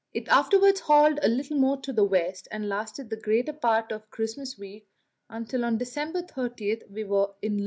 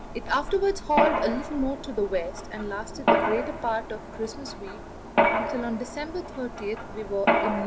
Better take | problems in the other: first | background sound (Mechanisms); 1 dB above the speech

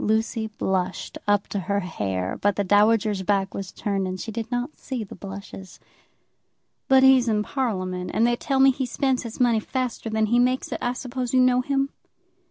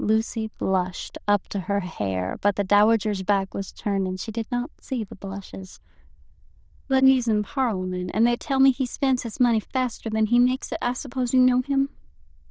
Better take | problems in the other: first | noise reduction (neural diffusion model UNIVERSE++)

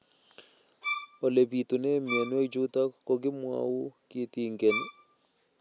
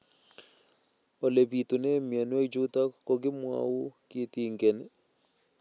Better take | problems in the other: second | background sound (Bowed string instrument); 7 dB below the speech

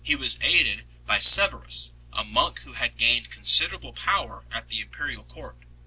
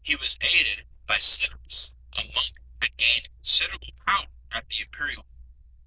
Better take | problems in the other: first | noise reduction (neural diffusion model UNIVERSE++)

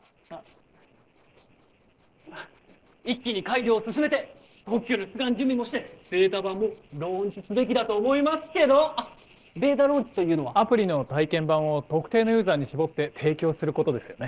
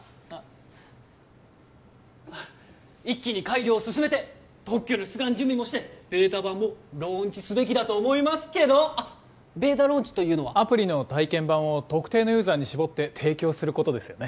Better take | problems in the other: second | noise reduction (neural separator model SepFormer DNS4)

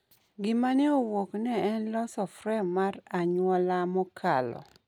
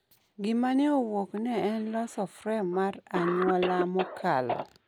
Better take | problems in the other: first | background sound (Cough); 10 dB below the speech

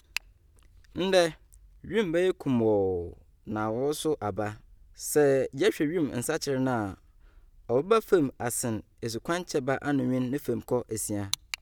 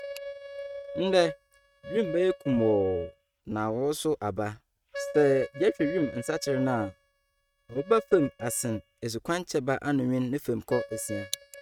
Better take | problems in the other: first | noise reduction (neural mask model RNNoise)

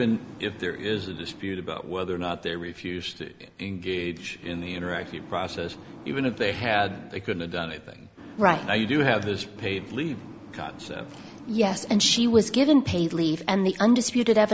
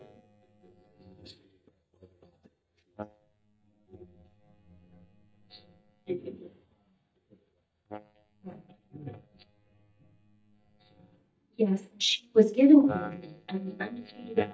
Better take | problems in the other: first | noise reduction (neural mask model DeepFilterNet 3)

